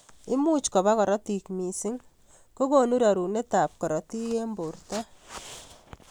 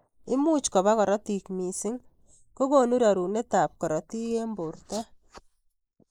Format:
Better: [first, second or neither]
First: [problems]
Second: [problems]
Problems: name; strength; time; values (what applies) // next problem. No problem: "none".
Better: first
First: none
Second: noise reduction (neural mask model Resemble Enhance denoiser)